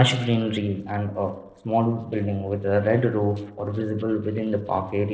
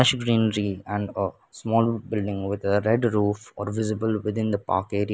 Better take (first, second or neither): second